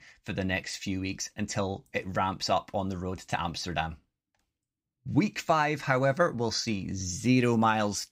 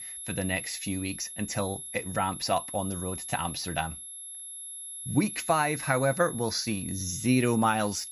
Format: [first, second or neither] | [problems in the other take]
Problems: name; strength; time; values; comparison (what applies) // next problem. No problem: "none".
first | high-pitched whine; loud; throughout; 11 kHz, 8 dB below the speech